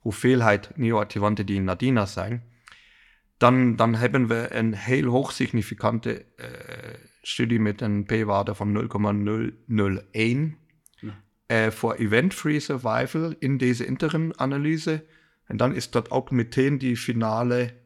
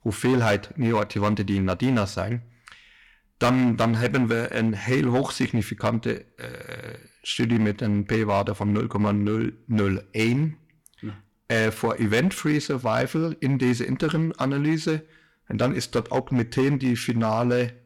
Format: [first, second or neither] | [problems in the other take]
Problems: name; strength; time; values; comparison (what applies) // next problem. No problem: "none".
first | distortion; slight; 7% of the sound clipped